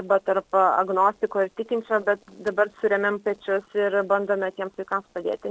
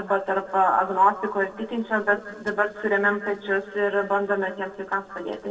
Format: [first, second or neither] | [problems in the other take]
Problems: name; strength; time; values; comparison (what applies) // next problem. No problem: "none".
first | room echo; dies away in 1.5 s